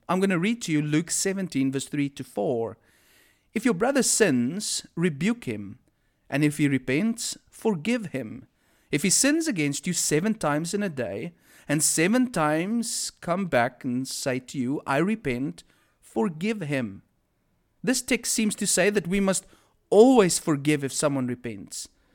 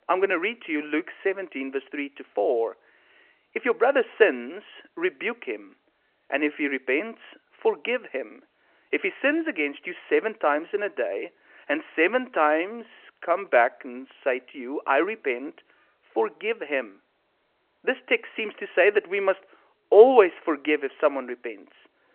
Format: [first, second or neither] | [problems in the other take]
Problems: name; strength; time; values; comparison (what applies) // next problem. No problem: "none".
first | phone-call audio